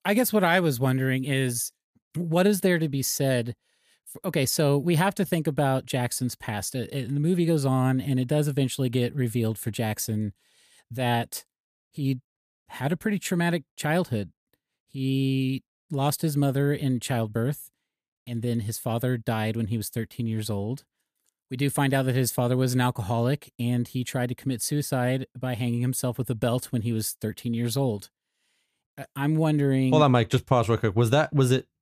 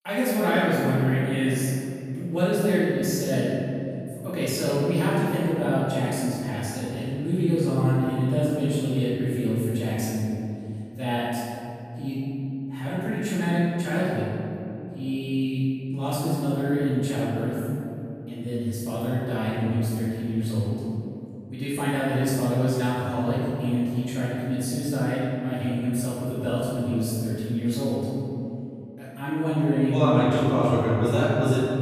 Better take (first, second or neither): first